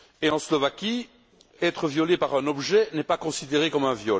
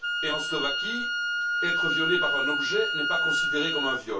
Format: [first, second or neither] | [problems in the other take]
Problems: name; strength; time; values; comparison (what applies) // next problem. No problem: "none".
first | background sound (Wind instrument, woodwind instrument); 5 dB above the speech // room echo; dies away in 0.1 s